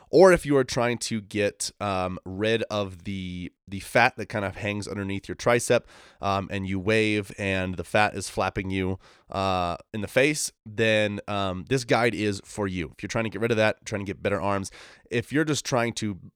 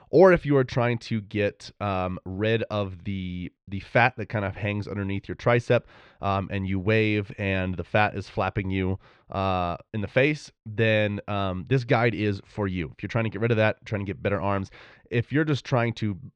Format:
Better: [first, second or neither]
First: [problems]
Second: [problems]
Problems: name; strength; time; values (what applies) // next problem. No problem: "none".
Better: first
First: none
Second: muffled; slightly; fading above 3.5 kHz